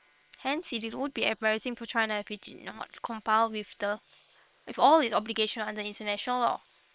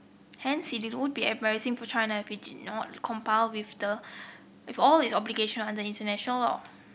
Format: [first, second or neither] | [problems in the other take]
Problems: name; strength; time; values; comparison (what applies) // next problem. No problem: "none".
second | noise reduction (neural separator model SepFormer WHAM!)